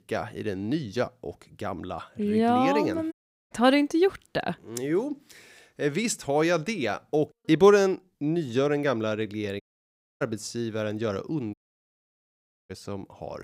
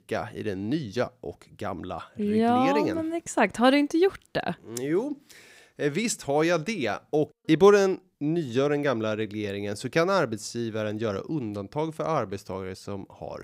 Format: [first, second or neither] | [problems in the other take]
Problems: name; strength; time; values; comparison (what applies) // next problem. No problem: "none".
second | audio cutting out; at 3 s, at 9.5 s for 0.5 s and at 12 s for 1 s